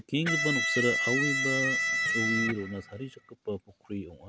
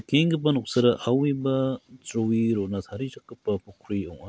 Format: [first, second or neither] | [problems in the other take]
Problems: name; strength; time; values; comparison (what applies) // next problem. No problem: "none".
second | background sound (Electric guitar); 3 dB above the speech